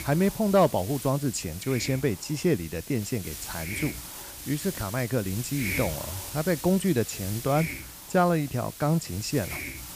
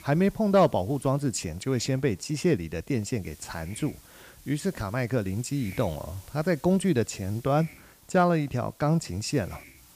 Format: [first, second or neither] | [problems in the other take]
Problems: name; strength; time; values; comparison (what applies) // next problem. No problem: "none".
second | hiss; loud; throughout; 9 dB below the speech; faint in the second